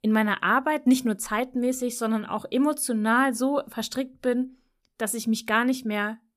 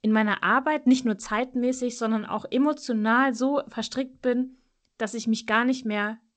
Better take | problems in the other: first | garbled, watery; slightly; nothing above 8 kHz

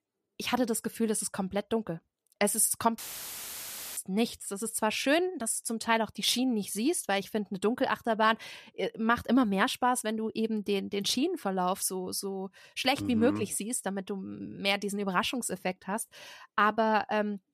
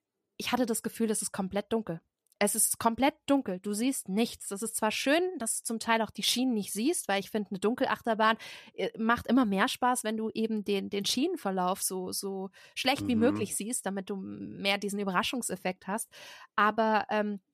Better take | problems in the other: second | audio cutting out; filled with static; at 3 s for 1 s

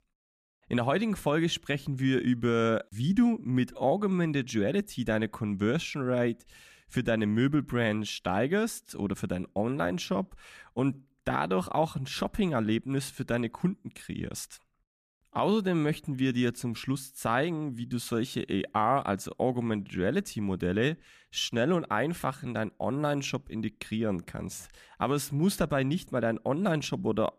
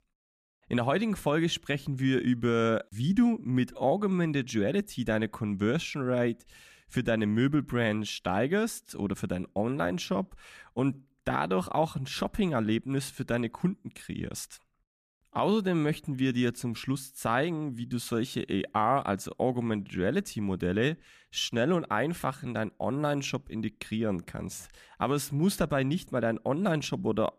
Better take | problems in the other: neither | none

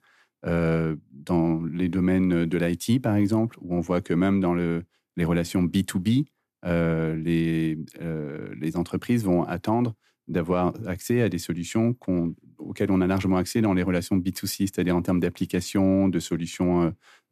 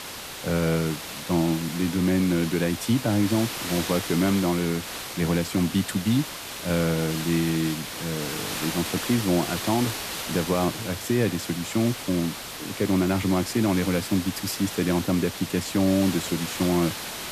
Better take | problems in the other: first | hiss; loud; throughout; 7 dB below the speech

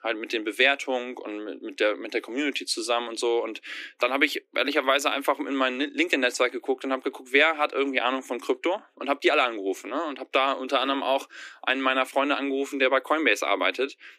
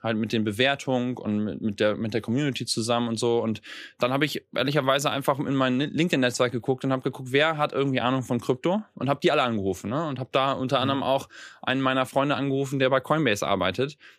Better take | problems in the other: second | thin; very slightly; fading below 300 Hz

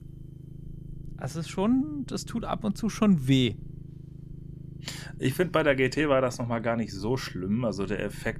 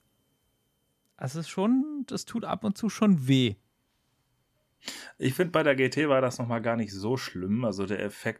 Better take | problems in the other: second | low rumble; faint; throughout; 25 dB below the speech

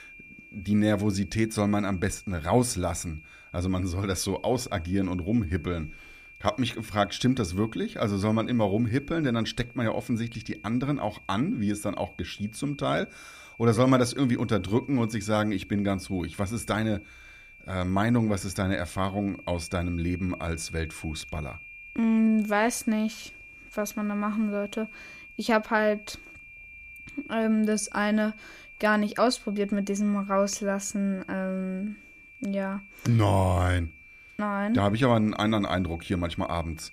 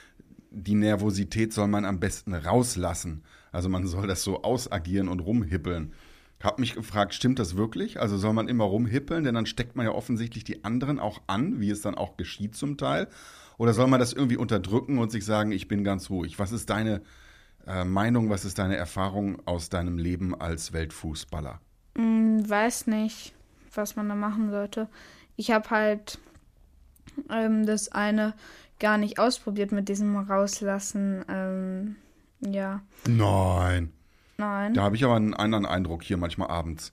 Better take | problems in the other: second | high-pitched whine; noticeable; throughout; 2.5 kHz, 20 dB below the speech

